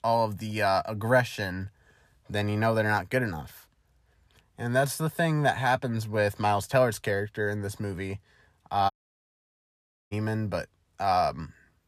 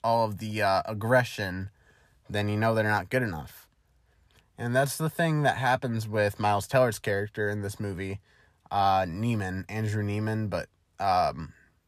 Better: second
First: audio cutting out; at 9 s for 1 s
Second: none

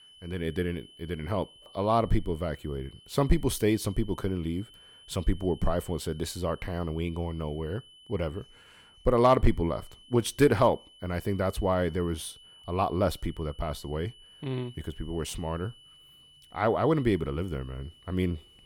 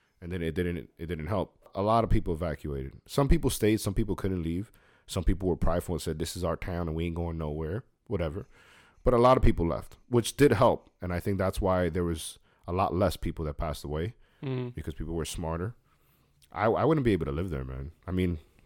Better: second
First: high-pitched whine; faint; throughout; 3 kHz, 25 dB below the speech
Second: none

